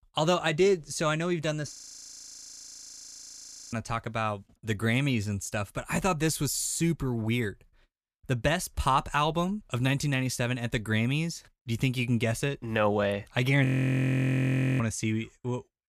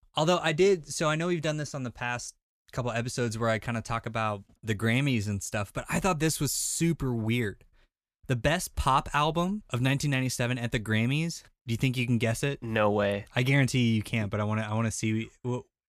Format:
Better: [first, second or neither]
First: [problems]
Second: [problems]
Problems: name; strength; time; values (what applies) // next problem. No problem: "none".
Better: second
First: audio freezing; at 1.5 s for 2 s and at 14 s for 1 s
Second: none